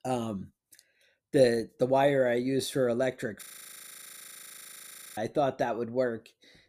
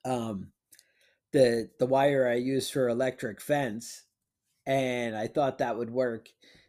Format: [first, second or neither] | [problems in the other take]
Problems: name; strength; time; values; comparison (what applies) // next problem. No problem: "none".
second | audio freezing; at 3.5 s for 1.5 s